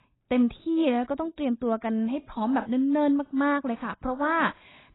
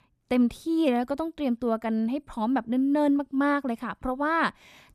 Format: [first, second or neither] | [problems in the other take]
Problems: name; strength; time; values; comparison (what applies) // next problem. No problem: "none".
second | garbled, watery; badly; nothing above 4 kHz